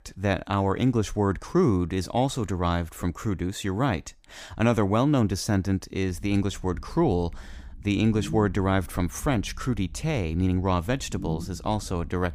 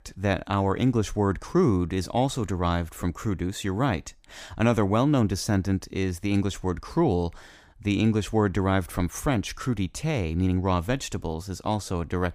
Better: second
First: low rumble; faint; from 6 s on; 20 dB below the speech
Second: none

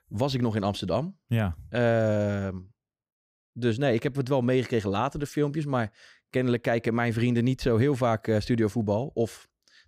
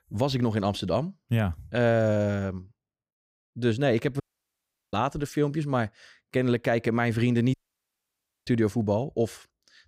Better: first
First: none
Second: audio cutting out; at 4 s for 0.5 s and at 7.5 s for 1 s

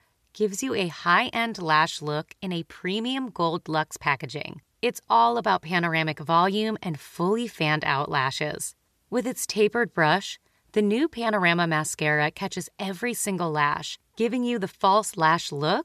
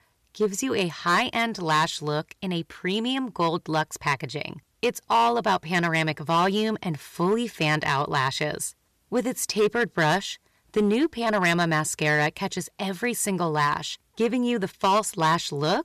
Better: first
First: none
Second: distortion; slight; 4% of the sound clipped

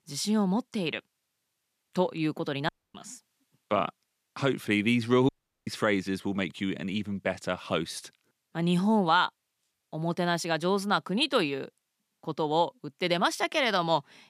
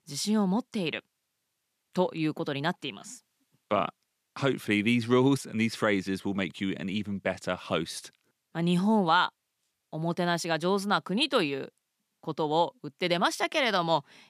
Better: second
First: audio cutting out; at 2.5 s and at 5.5 s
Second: none

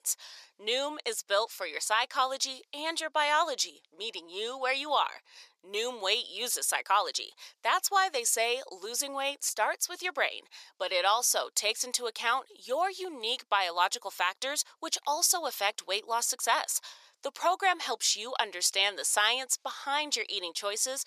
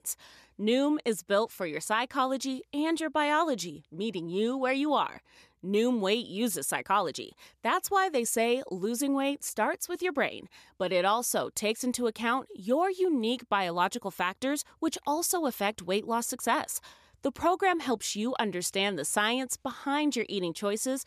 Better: second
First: thin; very; fading below 600 Hz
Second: none

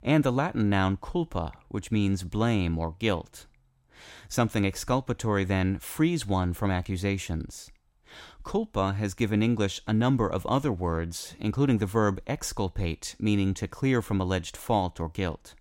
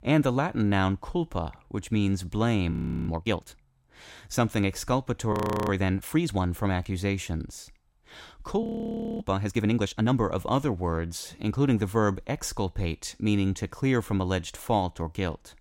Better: first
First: none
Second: audio freezing; at 2.5 s, at 5.5 s and at 8.5 s for 0.5 s

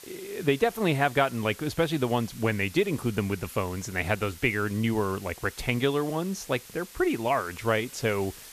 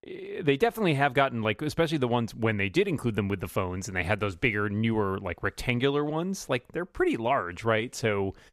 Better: second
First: hiss; noticeable; throughout; 15 dB below the speech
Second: none

